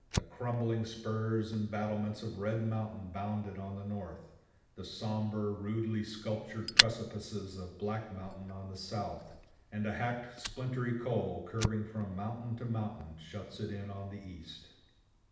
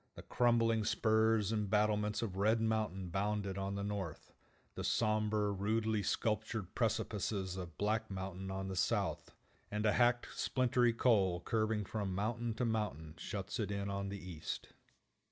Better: second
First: background sound (Fire); 5 dB below the speech // room echo; dies away in 0.8 s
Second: none

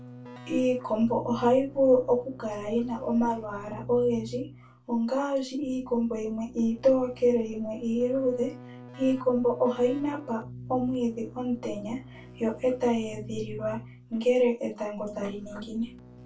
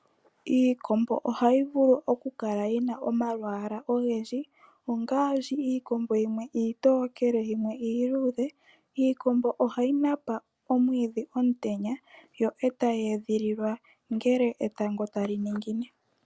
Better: second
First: background sound (Keyboard (musical)); 17 dB below the speech // room echo; dies away in 0.2 s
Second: none

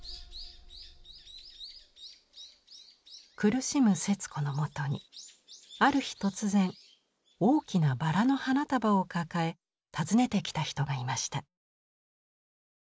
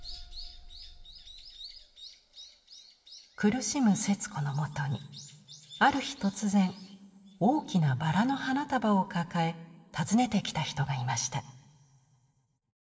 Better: first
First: none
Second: room echo; dies away in 1.5 s

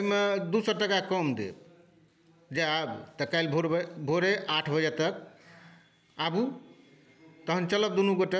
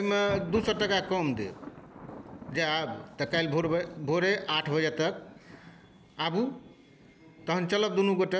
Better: first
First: none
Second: background sound (Thunder); 16 dB below the speech

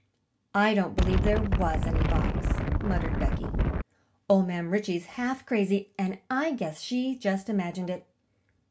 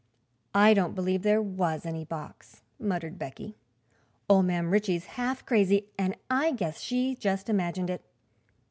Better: second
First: background sound (Wind); 4 dB above the speech // room echo; dies away in 0.2 s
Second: none

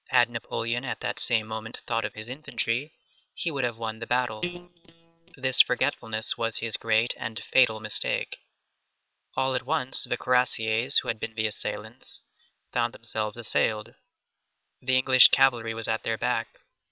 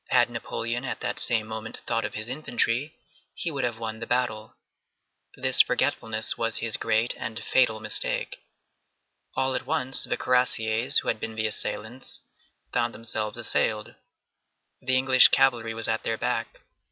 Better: second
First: noise reduction (neural separator model SepFormer WHAM!)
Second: none

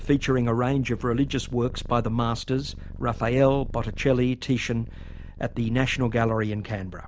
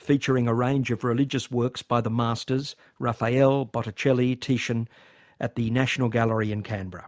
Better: second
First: background sound (Purr); 12 dB below the speech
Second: none

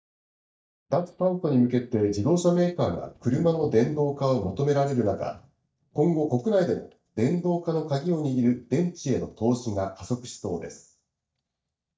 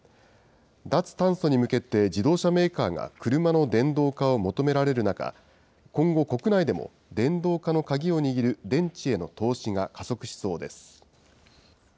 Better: second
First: noise reduction (neural mask model DeepFilterNet 3)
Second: none

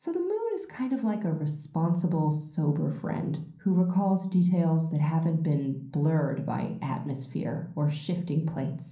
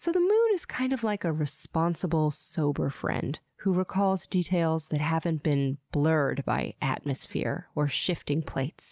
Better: second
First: room echo; dies away in 0.6 s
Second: none

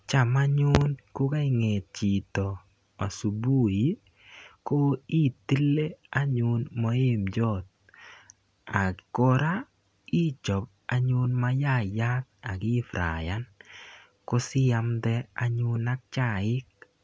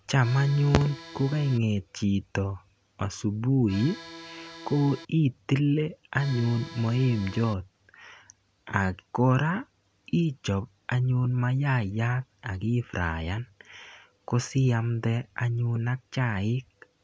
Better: first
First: none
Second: background sound (Accordion); 16 dB below the speech

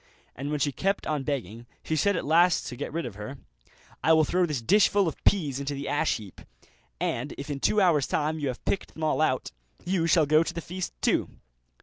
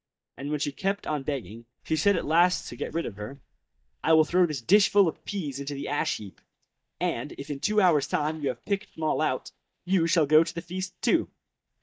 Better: first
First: none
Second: noise reduction (neural mask model DeepFilterNet 3)

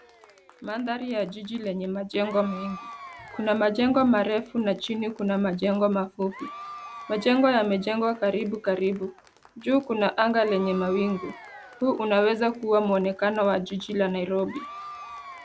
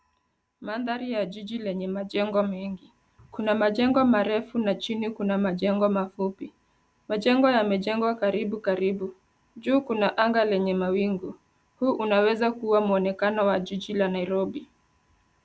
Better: second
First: background sound (Applause / Crowd / Cheering); 19 dB below the speech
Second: none

